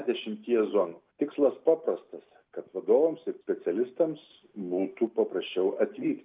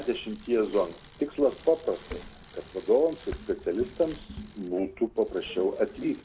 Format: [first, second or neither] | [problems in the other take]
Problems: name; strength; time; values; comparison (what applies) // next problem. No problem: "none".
first | background sound (Bicycle); 17 dB below the speech